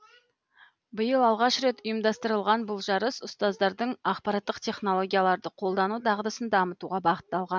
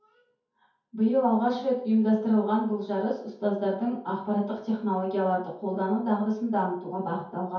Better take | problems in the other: first | room echo; dies away in 0.6 s

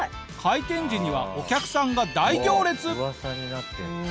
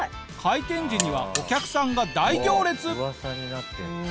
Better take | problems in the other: first | background sound (Alarm); 10 dB below the speech

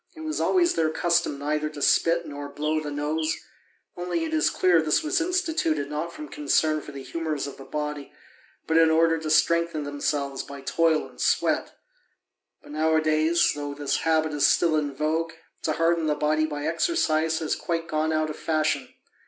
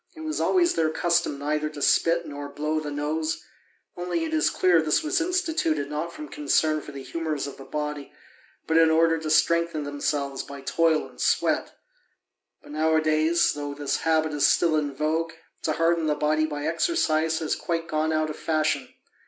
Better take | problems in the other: second | background sound (Bird); 17 dB below the speech

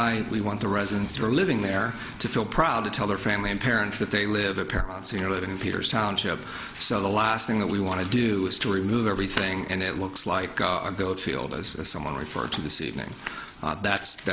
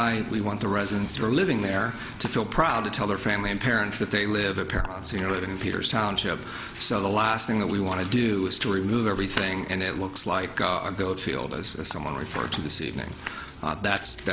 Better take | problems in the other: first | background sound (Dishes, pots, and pans / Chink, clink + Bus / Engine); 18 dB below the speech

